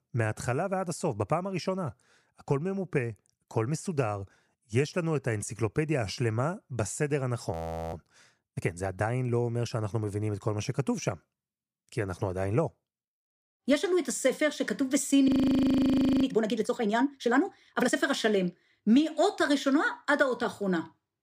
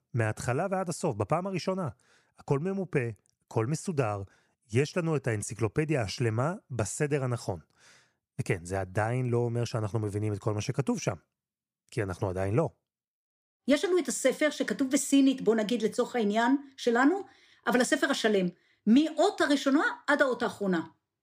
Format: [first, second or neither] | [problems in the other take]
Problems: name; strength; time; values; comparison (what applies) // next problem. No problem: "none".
second | audio freezing; at 7.5 s and at 15 s for 1 s